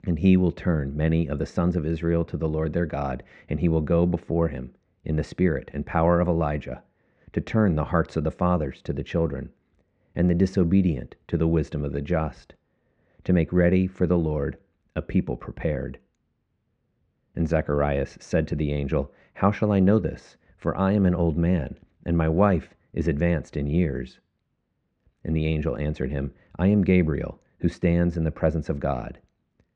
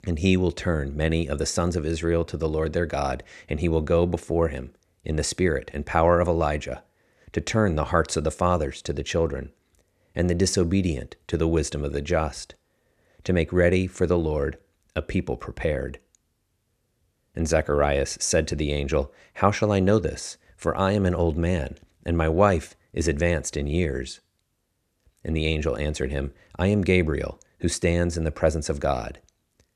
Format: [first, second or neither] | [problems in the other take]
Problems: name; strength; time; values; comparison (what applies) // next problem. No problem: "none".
second | muffled; very; fading above 2.5 kHz